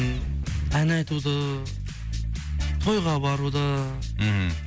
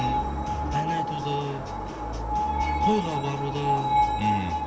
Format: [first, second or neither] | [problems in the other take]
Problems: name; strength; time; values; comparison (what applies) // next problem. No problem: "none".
first | background sound (Screech); 3 dB above the speech // room echo; dies away in 1.3 s